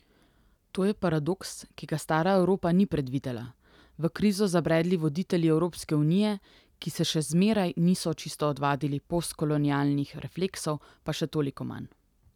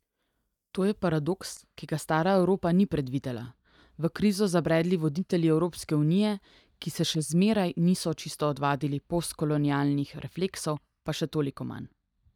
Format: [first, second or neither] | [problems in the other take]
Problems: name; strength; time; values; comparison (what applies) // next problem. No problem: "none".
first | noise reduction (neural mask model DeepFilterNet 3)